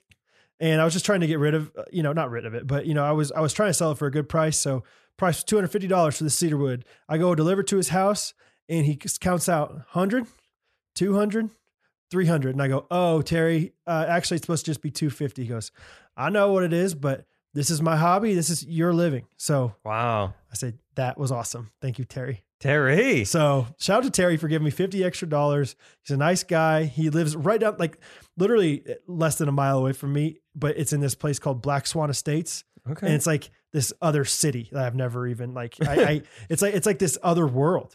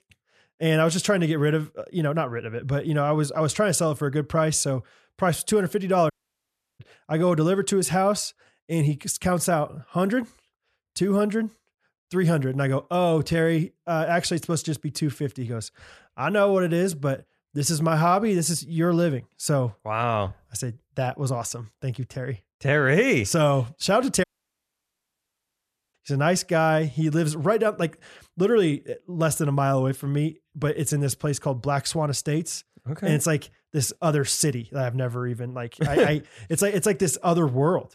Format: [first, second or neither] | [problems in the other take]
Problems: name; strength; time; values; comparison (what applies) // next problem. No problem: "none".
first | audio cutting out; at 6 s for 0.5 s and at 24 s for 1.5 s